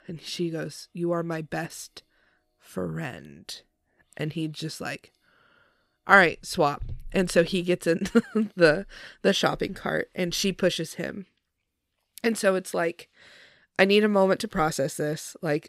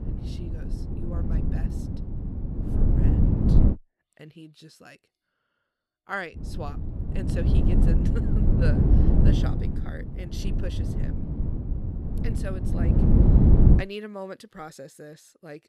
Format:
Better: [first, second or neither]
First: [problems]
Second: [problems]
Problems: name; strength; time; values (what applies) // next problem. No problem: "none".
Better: first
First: none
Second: wind noise on the microphone; heavy; until 3.5 s and from 6.5 to 14 s; 4 dB above the speech